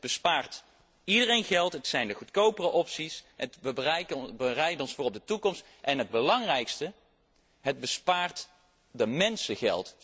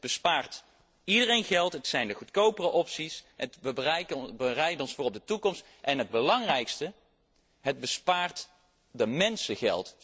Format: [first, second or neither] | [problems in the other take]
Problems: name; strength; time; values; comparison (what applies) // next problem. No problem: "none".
first | noise reduction (neural separator model SepFormer DNS4)